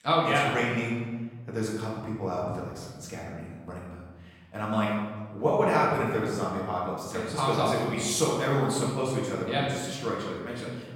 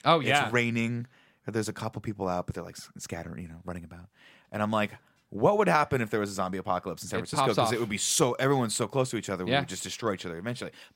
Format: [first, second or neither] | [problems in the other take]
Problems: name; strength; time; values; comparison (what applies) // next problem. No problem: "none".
second | room echo; noticeable; dies away in 1.3 s // off-mic speech; far